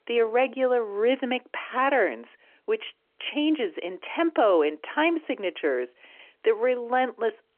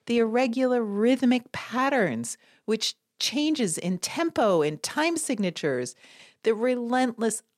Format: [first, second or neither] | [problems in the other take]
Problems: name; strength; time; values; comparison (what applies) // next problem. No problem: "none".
second | phone-call audio; nothing above 3 kHz